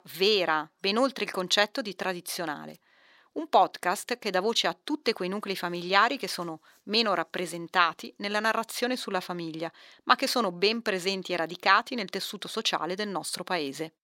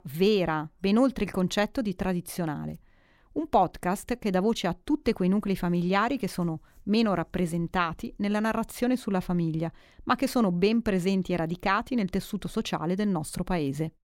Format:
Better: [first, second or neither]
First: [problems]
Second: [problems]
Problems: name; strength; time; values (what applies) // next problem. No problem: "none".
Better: second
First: thin; somewhat; fading below 400 Hz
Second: none